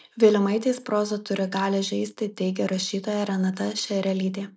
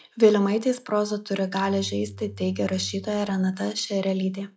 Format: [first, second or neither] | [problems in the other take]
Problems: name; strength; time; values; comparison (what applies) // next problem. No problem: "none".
first | noise reduction (classical method log-MMSE)